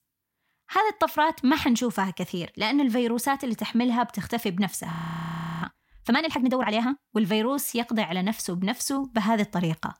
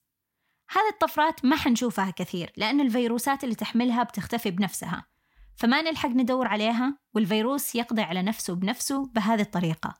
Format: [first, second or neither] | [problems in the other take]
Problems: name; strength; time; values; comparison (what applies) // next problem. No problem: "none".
second | audio freezing; at 5 s for 0.5 s